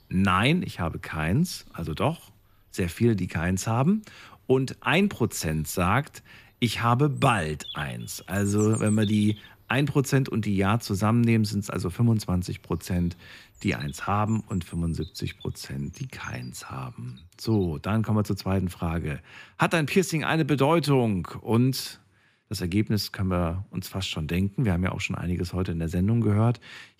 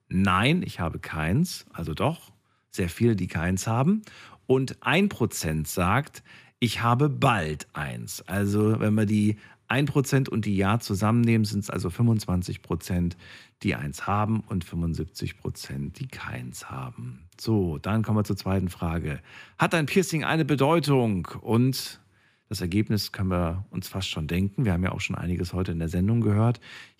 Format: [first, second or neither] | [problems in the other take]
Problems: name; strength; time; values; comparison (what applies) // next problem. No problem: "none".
second | animal sounds; noticeable; throughout; 20 dB below the speech